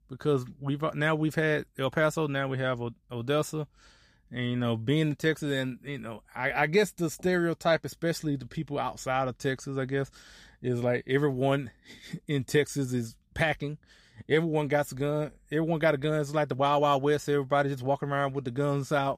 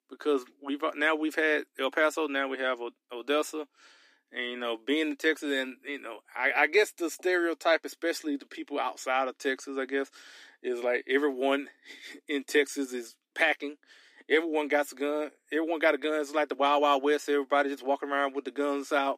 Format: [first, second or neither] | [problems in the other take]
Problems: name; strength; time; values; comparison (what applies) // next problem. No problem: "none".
first | thin; very slightly; fading below 250 Hz